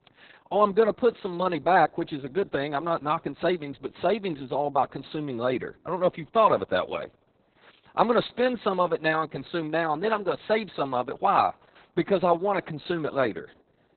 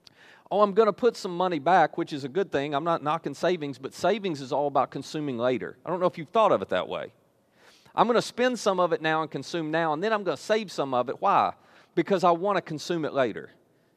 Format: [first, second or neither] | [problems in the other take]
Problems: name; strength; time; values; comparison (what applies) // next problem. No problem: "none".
second | garbled, watery; badly; nothing above 4 kHz